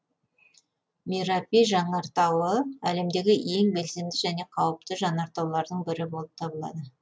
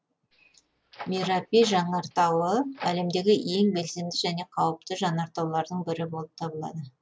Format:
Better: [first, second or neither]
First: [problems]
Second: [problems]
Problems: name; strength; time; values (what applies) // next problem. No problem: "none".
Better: first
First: none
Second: background sound (Door); 18 dB below the speech